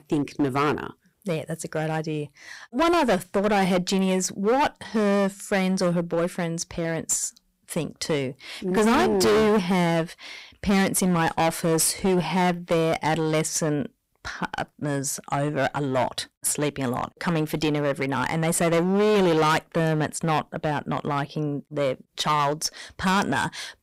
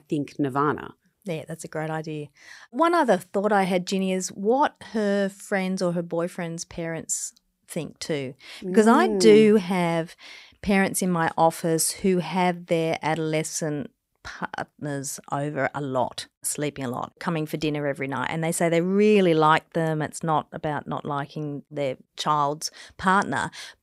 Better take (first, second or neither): second